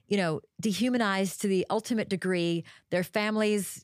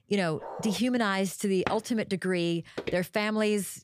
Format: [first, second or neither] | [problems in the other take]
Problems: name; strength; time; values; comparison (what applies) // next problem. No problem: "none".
first | dog barking; faint; at 0.5 s; peak 10 dB below the speech // door banging; noticeable; at 1.5 s; peak 8 dB below the speech // footsteps; noticeable; at 3 s; peak 9 dB below the speech